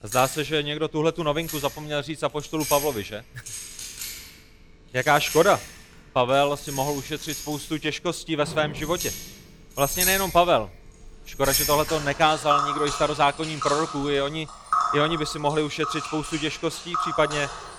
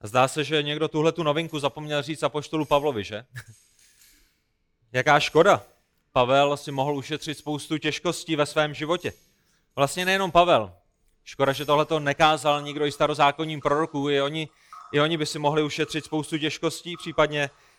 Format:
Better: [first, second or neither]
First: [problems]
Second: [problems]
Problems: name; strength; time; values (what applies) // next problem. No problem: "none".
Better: second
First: household noises; loud; throughout; 5 dB below the speech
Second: household noises; faint; throughout; 30 dB below the speech